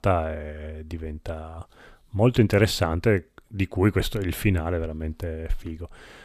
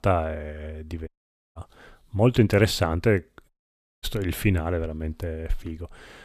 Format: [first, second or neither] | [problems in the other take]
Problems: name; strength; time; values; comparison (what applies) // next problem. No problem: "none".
first | audio cutting out; at 1 s and at 3.5 s for 0.5 s